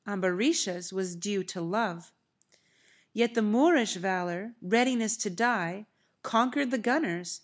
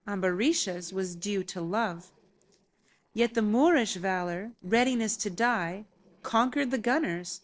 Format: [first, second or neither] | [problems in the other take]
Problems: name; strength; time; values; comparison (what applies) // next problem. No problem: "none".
first | noise reduction (neural separator model SepFormer DNS4)